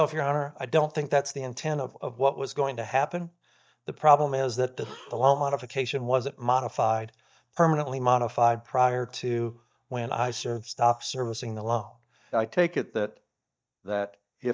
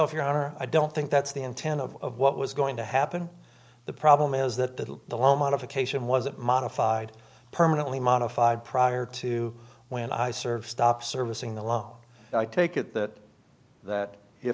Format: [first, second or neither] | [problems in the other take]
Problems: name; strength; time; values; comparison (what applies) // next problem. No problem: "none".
second | noise reduction (neural mask model DeepFilterNet 3)